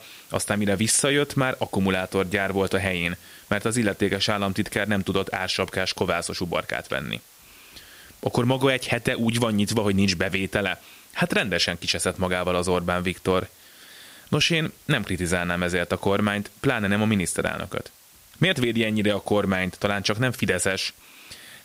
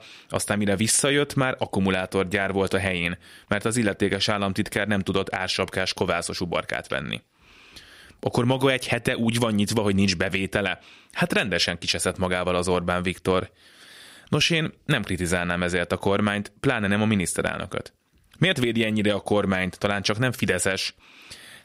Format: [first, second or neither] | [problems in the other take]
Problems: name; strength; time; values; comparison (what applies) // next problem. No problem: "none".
second | hiss; faint; throughout; 25 dB below the speech